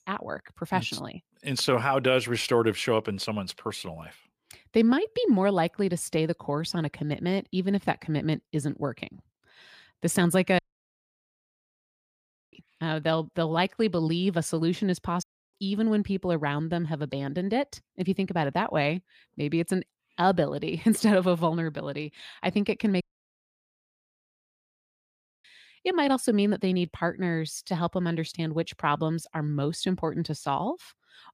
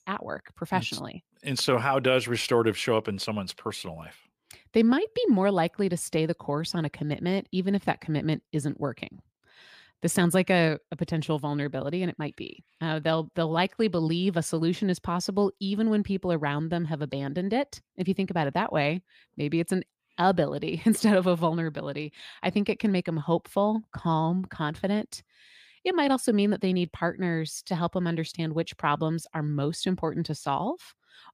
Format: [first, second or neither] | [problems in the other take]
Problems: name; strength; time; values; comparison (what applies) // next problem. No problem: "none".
second | audio cutting out; at 11 s for 2 s, at 15 s and at 23 s for 2.5 s